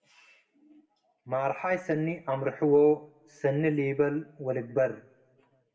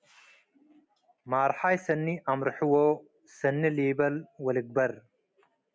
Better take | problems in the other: second | room echo; dies away in 0.7 s

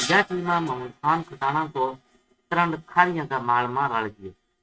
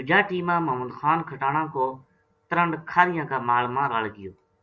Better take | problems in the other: second | noise reduction (neural mask model RNNoise)

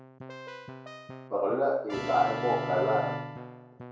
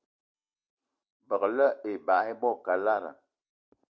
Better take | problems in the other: second | background sound (Keyboard (musical)); 7 dB below the speech // room echo; dies away in 0.6 s

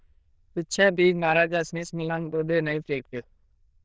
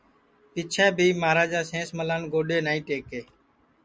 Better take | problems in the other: second | noise reduction (neural diffusion model UNIVERSE++)

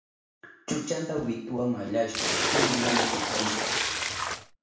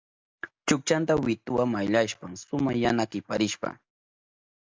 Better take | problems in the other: second | background sound (Splash, splatter); 4 dB above the speech // room echo; dies away in 0.6 s

